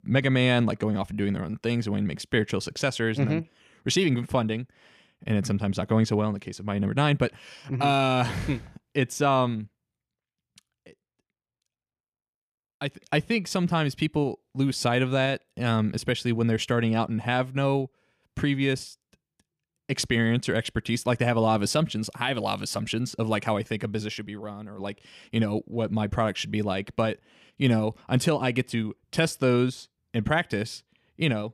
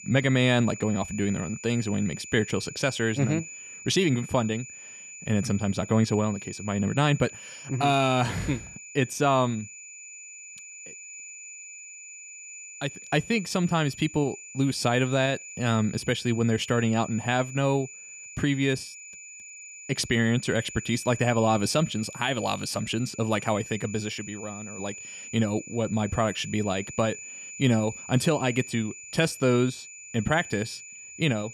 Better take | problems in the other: first | high-pitched whine; noticeable; throughout; 7 kHz, 15 dB below the speech

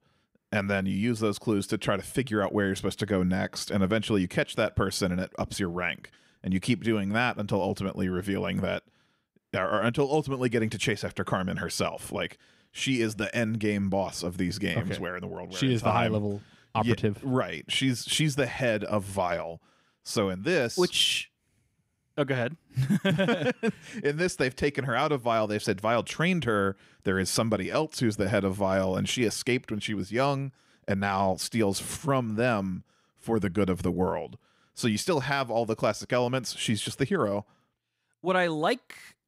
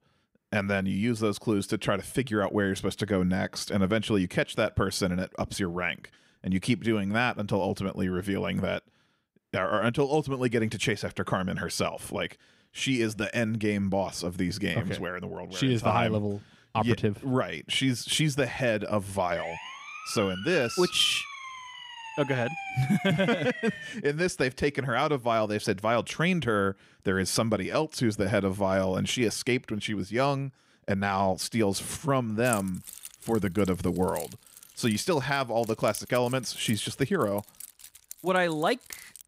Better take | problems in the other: first | siren; noticeable; from 19 to 24 s; peak 8 dB below the speech // jangling keys; noticeable; from 32 s on; peak 8 dB below the speech

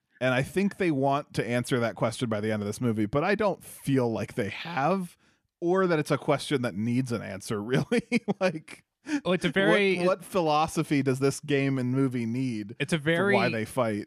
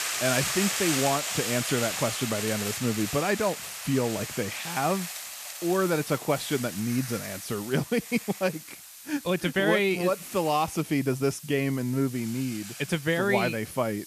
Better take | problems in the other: first | hiss; loud; throughout; 5 dB below the speech

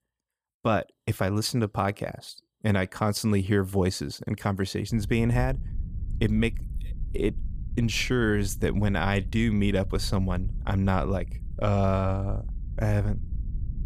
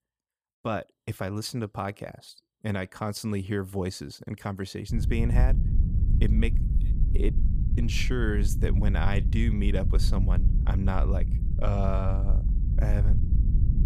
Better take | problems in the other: first | low rumble; loud; from 5 s on; 9 dB below the speech; faint in the first

